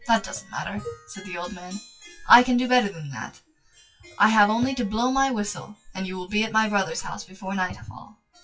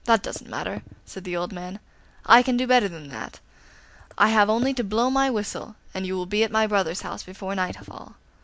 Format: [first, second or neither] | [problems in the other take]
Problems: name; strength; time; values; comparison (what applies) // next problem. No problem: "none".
second | noise reduction (classical method WPE with log-MMSE)